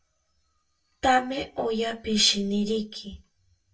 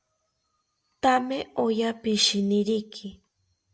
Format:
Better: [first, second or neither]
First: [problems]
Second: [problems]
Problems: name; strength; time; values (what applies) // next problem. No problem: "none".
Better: second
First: room echo; dies away in 0.1 s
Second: none